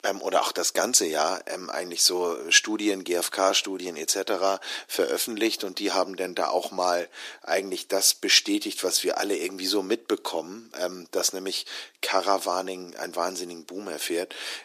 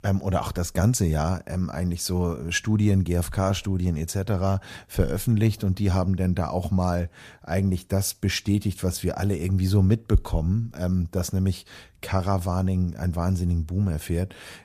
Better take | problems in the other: second | thin; very; fading below 300 Hz

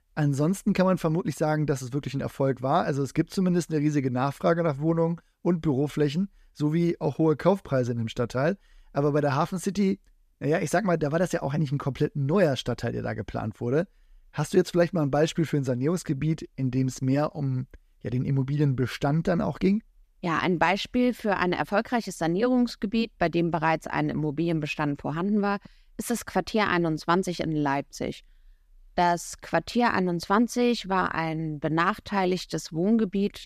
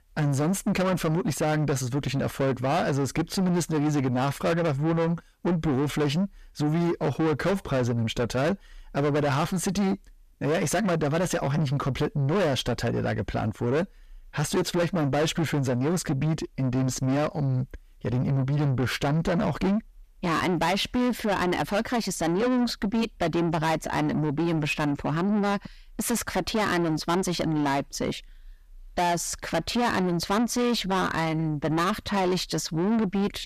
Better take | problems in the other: first | distortion; heavy; 7 dB below the speech

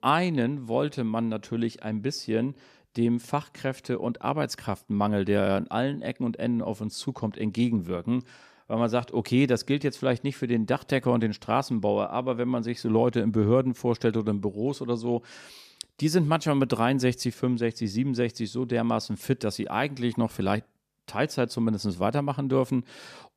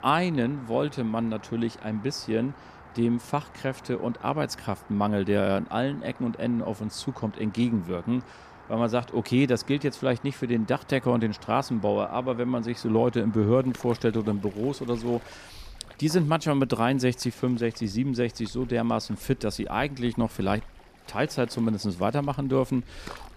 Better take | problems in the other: first | rain or running water; faint; throughout; 20 dB below the speech

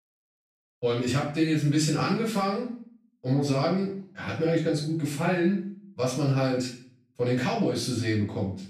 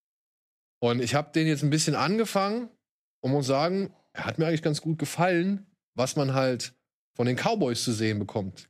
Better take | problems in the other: second | off-mic speech; far // room echo; noticeable; dies away in 0.5 s

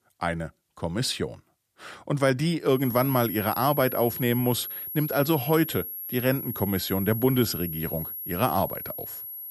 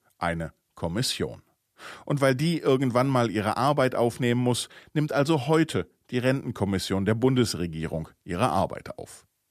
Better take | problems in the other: second | high-pitched whine; loud; from 3 s on; 11.5 kHz, 6 dB below the speech

